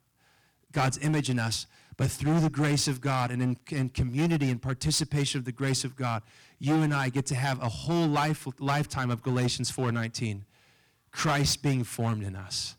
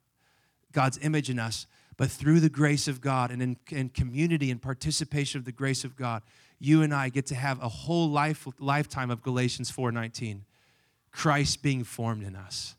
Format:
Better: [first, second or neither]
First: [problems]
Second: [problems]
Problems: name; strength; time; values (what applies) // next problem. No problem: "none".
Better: second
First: distortion; heavy; 9% of the sound clipped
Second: none